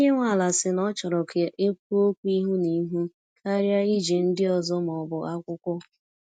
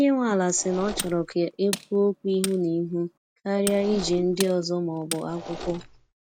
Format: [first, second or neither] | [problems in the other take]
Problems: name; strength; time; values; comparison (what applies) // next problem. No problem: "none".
first | background sound (Tools + Mechanisms); 12 dB below the speech